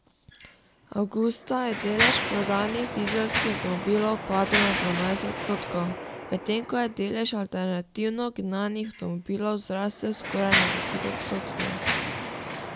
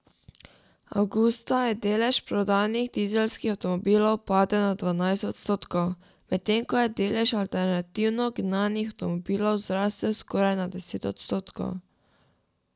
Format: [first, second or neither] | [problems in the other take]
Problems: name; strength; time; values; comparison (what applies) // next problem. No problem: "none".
second | background sound (Mechanisms); 3 dB below the speech